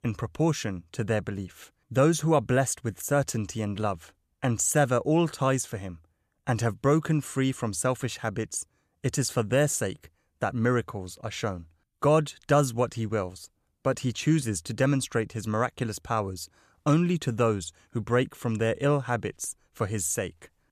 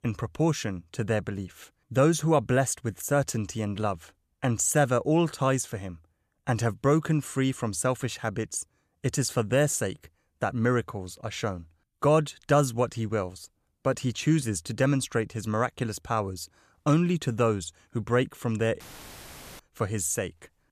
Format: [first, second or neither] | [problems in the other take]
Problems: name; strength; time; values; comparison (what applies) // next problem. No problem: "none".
first | audio cutting out; filled with static; at 19 s for 1 s